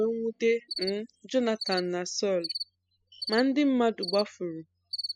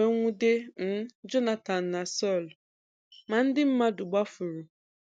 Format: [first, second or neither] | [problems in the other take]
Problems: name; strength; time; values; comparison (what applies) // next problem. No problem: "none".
second | noise reduction (classical method spectral subtraction)